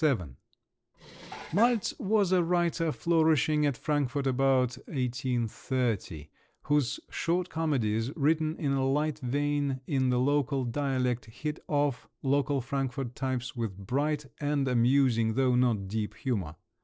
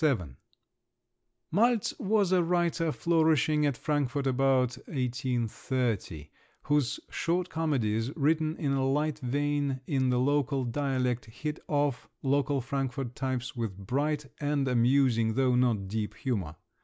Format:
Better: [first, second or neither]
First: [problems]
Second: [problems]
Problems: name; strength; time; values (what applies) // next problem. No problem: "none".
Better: second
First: noise reduction (neural separator model SepFormer DNS4)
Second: none